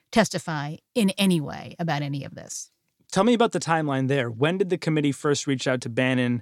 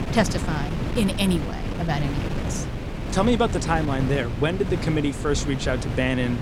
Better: first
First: none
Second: wind noise on the microphone; heavy; 8 dB below the speech

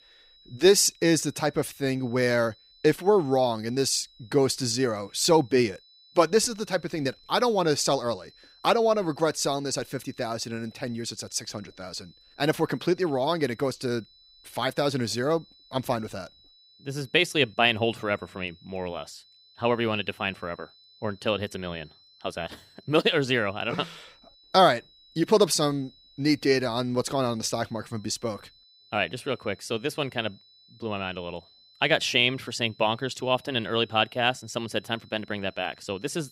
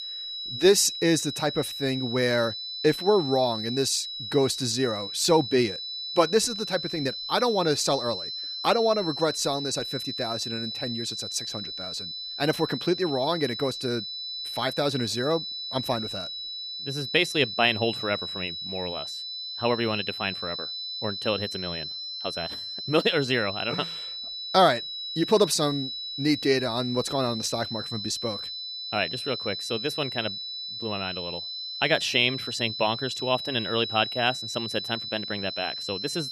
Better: first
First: high-pitched whine; faint; throughout; 4 kHz, 30 dB below the speech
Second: high-pitched whine; loud; throughout; 4 kHz, 6 dB below the speech

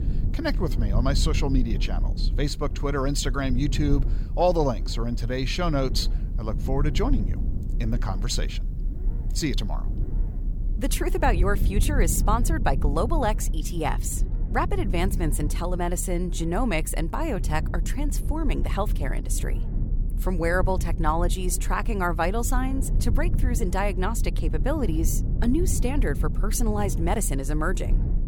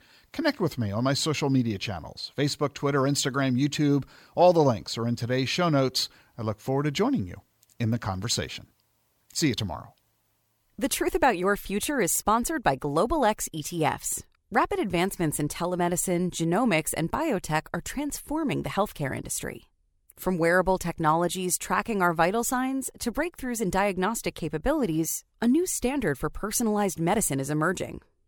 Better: second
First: low rumble; noticeable; throughout; 15 dB below the speech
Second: none

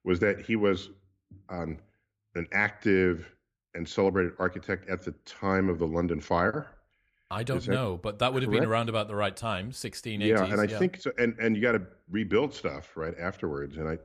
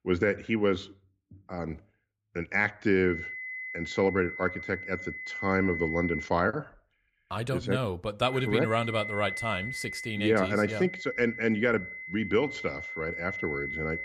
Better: first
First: none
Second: high-pitched whine; loud; from 3 to 6 s and from 8.5 s on; 2 kHz, 7 dB below the speech

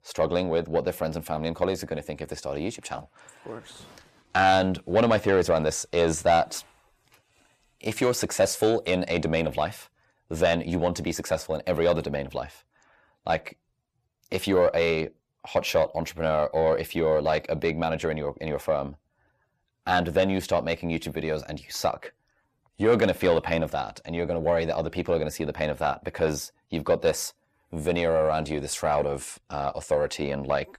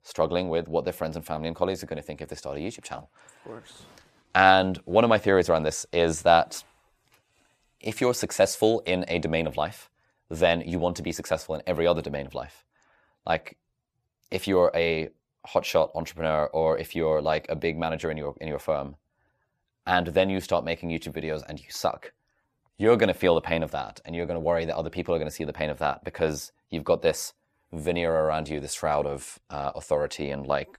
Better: second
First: distortion; slight; 10 dB below the speech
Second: none

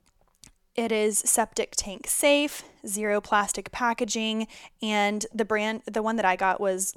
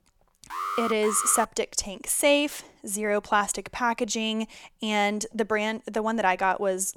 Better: first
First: none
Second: alarm; noticeable; at 0.5 s; peak 4 dB below the speech

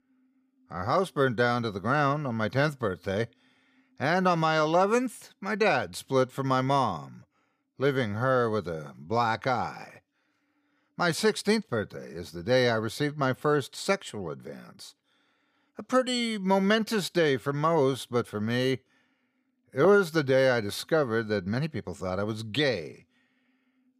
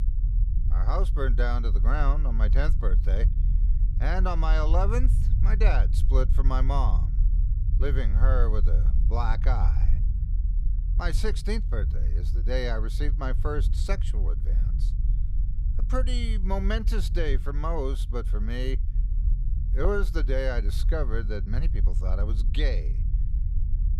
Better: first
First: none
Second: low rumble; noticeable; throughout; 15 dB below the speech

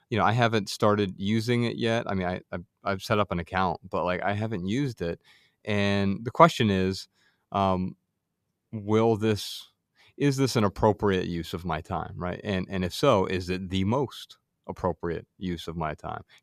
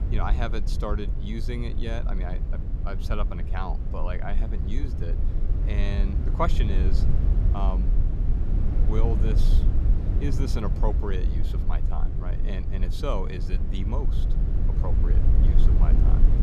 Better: first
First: none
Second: low rumble; loud; throughout; 6 dB below the speech

